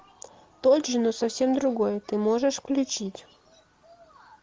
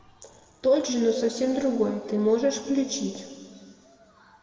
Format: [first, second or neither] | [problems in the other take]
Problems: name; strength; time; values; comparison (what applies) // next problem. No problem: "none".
first | room echo; dies away in 2 s